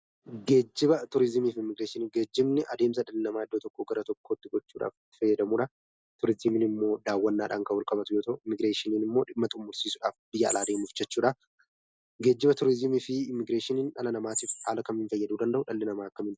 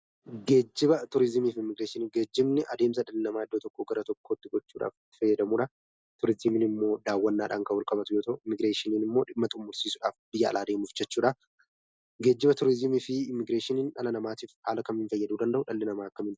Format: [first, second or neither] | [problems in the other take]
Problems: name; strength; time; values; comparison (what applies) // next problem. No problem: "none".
second | background sound (Chirp, tweet); 11 dB below the speech